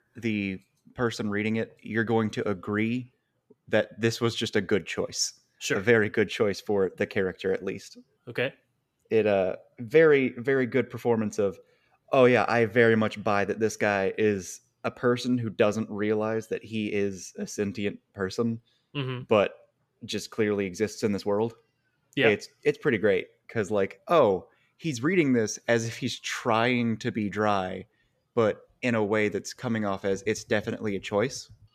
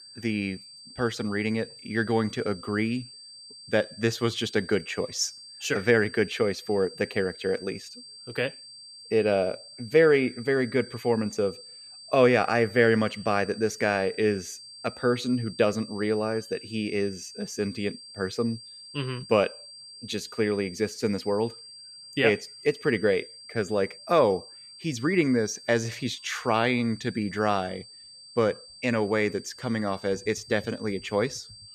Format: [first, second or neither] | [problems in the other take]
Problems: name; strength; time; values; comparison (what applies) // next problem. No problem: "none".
first | high-pitched whine; noticeable; throughout; 4.5 kHz, 15 dB below the speech